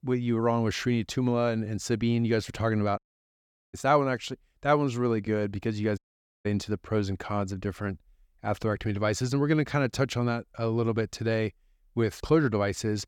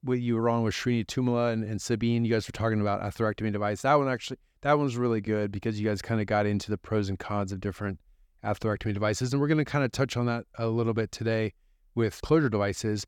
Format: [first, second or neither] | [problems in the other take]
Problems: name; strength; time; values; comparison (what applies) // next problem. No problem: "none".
second | audio cutting out; at 3 s for 1 s and at 6 s